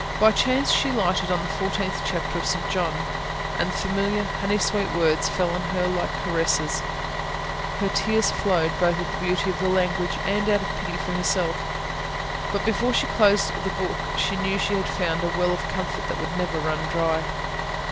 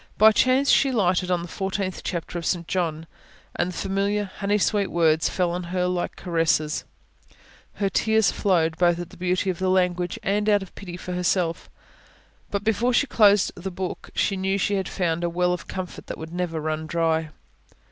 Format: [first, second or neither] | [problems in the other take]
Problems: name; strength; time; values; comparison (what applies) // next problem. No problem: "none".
second | background sound (Bus); 2 dB below the speech